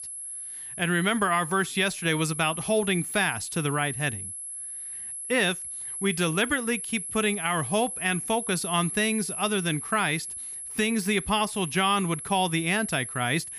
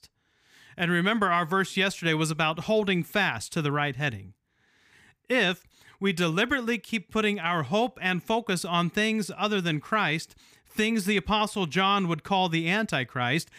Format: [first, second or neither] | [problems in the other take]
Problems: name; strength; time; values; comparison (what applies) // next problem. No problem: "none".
second | high-pitched whine; loud; throughout; 11 kHz, 7 dB below the speech